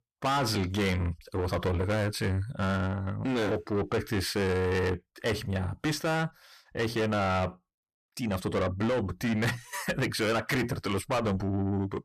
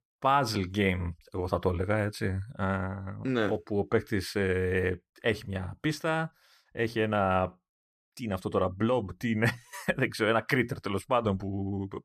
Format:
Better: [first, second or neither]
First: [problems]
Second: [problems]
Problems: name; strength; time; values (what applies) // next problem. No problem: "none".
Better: second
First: distortion; heavy; 6 dB below the speech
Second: none